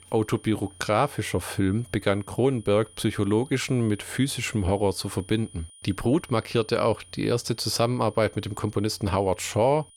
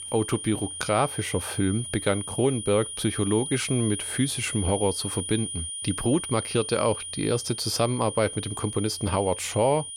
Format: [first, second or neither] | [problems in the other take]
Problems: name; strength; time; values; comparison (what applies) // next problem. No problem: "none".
first | high-pitched whine; loud; throughout; 9.5 kHz, 6 dB below the speech; faint in the first